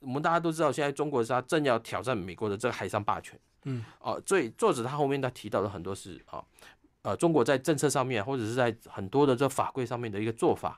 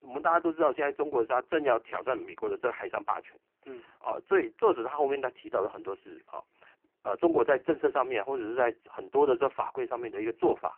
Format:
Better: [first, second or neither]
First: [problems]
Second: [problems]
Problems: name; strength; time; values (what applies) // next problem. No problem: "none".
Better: first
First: none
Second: phone-call audio; poor line